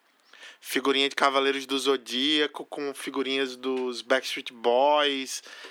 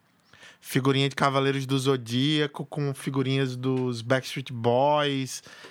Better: second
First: thin; somewhat; fading below 300 Hz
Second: none

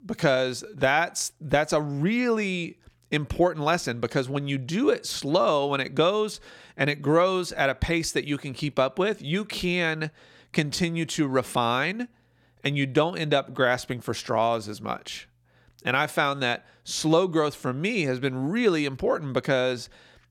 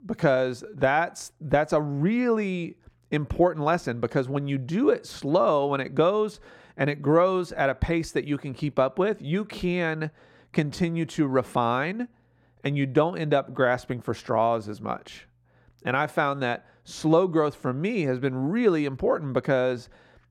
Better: first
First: none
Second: muffled; slightly; fading above 2 kHz

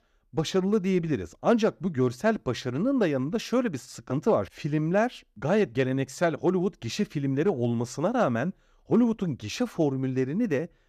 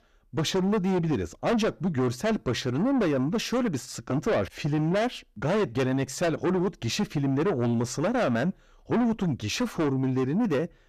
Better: first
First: none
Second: distortion; heavy; 7 dB below the speech

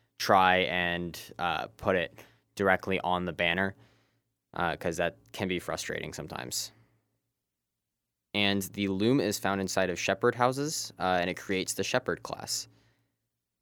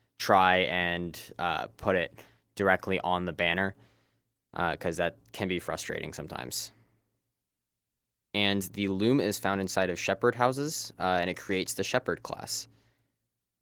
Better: first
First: none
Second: garbled, watery; slightly

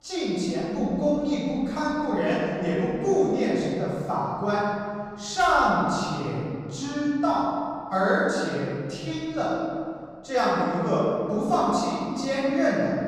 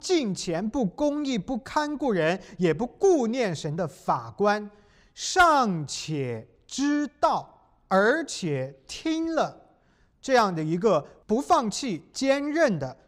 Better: second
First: off-mic speech; far // room echo; strong; dies away in 2.2 s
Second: none

